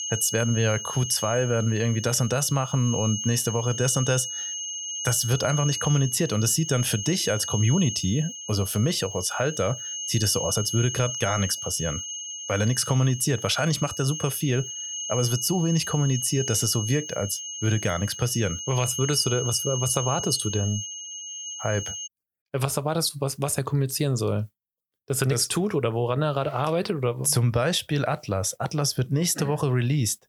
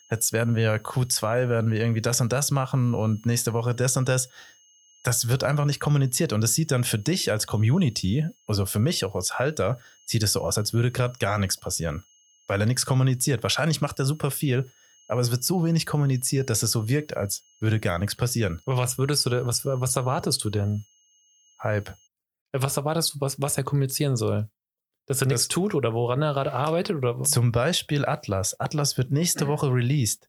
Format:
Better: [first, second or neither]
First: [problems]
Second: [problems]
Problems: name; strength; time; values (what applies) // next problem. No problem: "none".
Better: second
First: high-pitched whine; loud; until 22 s; 6.5 kHz, 6 dB below the speech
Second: high-pitched whine; faint; until 22 s; 6.5 kHz, 30 dB below the speech